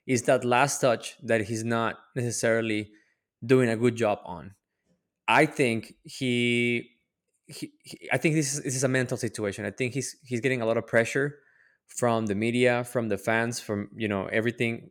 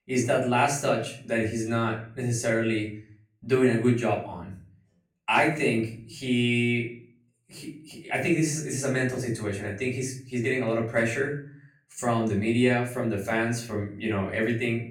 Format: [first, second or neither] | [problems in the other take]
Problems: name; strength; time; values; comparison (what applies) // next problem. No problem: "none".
first | room echo; slight; dies away in 0.4 s // off-mic speech; far